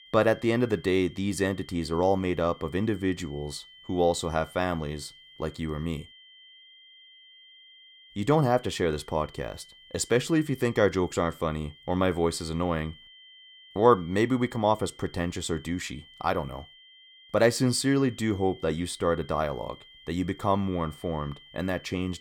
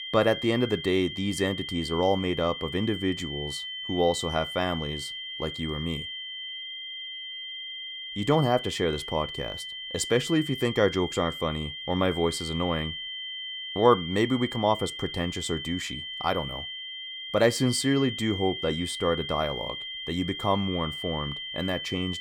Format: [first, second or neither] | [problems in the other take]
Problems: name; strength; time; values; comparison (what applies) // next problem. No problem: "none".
first | high-pitched whine; loud; throughout; 3 kHz, 7 dB below the speech; faint in the first